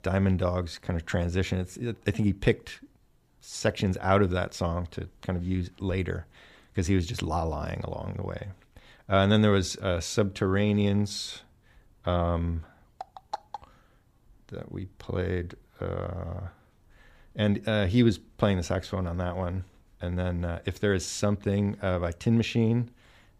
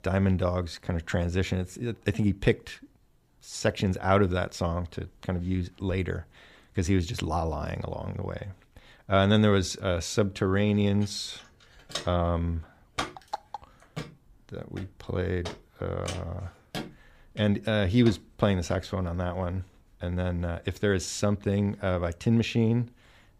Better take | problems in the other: first | footsteps; noticeable; from 12 to 19 s; peak 7 dB below the speech

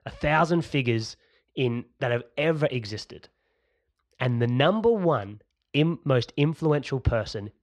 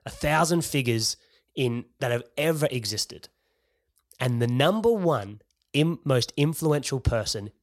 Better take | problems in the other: second | muffled; slightly; fading above 2.5 kHz

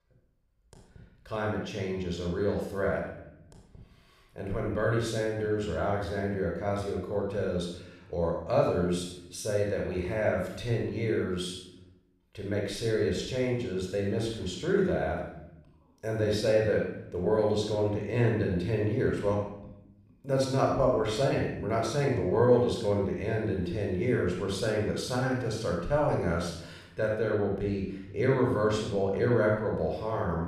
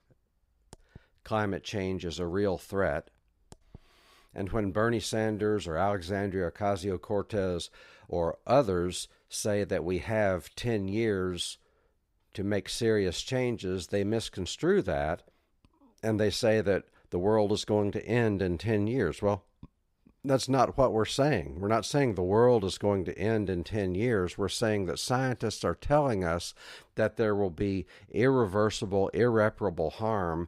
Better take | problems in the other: second | off-mic speech; somewhat distant // room echo; noticeable; dies away in 0.7 s

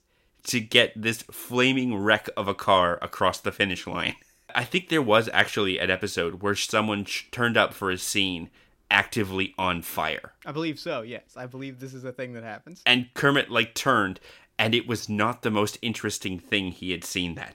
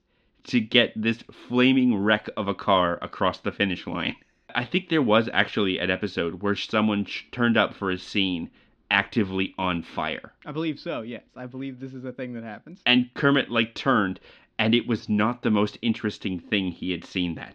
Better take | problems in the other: first | muffled; slightly; fading above 4 kHz

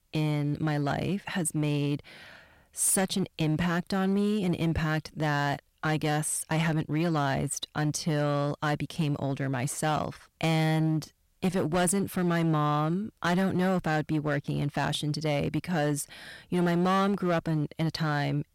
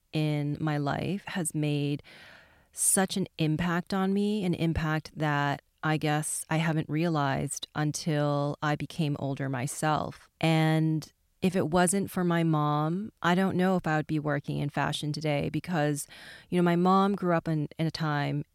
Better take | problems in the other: second | distortion; slight; 9% of the sound clipped

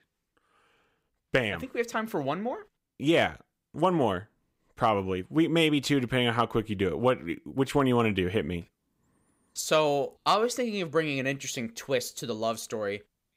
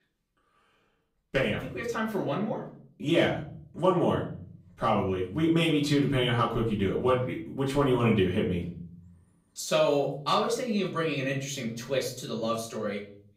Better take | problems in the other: first | off-mic speech; far // room echo; slight; dies away in 0.7 s

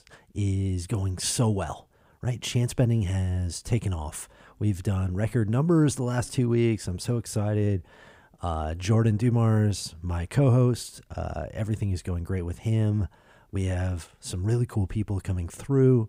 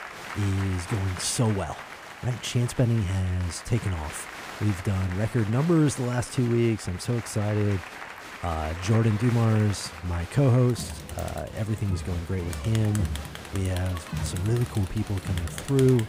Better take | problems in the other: first | crowd noise; noticeable; throughout; 10 dB below the speech

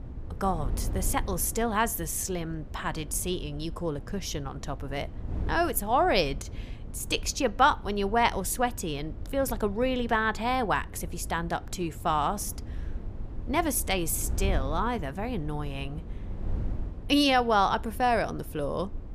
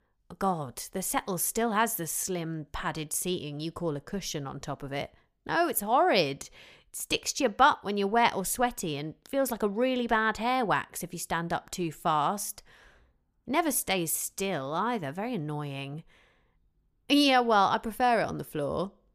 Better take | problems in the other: second | wind noise on the microphone; occasional gusts; 25 dB below the speech

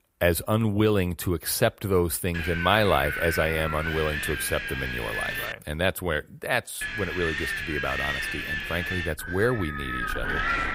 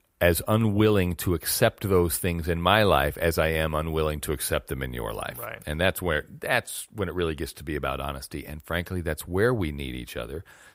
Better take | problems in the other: second | wind noise on the microphone; heavy; from 2.5 to 5.5 s and from 7 s on; 1 dB below the speech

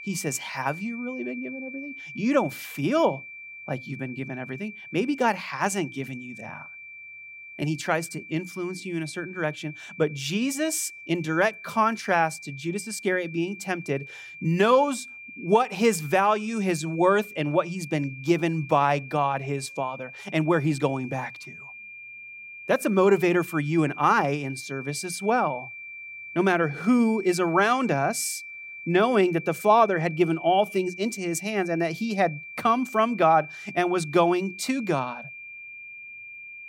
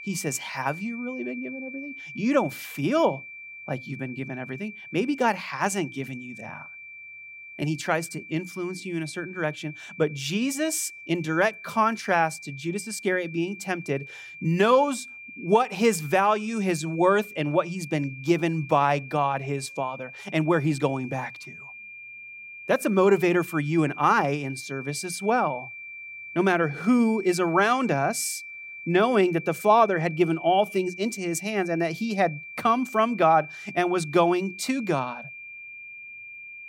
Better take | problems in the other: neither | high-pitched whine; noticeable; throughout; 2.5 kHz, 15 dB below the speech; the same in both

